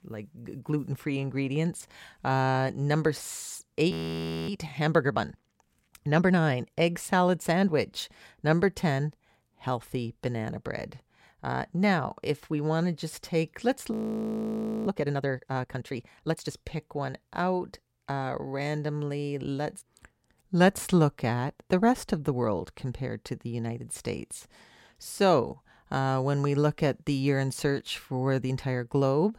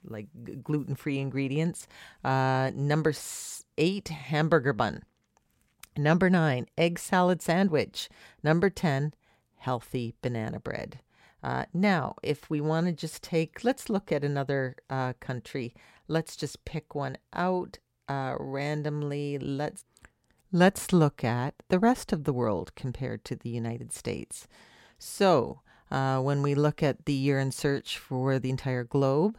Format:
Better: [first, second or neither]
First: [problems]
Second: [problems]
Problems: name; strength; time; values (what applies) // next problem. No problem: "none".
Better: second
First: audio freezing; at 4 s for 0.5 s and at 14 s for 1 s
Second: none